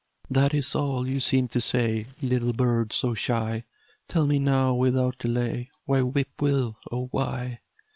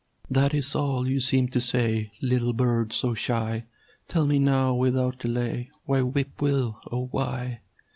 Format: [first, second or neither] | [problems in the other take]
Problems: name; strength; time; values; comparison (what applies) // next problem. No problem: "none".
second | noise reduction (neural separator model SepFormer WHAM!)